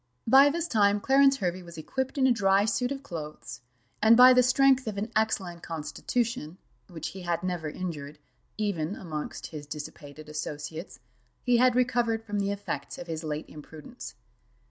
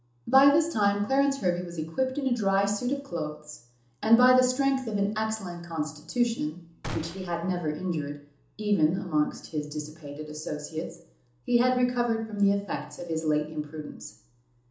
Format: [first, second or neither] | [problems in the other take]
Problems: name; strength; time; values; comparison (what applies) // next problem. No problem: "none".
first | background sound (Gunshot, gunfire); 13 dB below the speech // room echo; dies away in 0.6 s